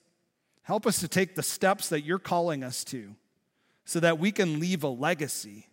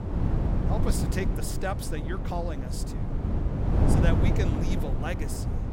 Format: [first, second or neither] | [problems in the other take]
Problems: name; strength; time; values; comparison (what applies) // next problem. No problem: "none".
first | wind noise on the microphone; heavy; 1 dB below the speech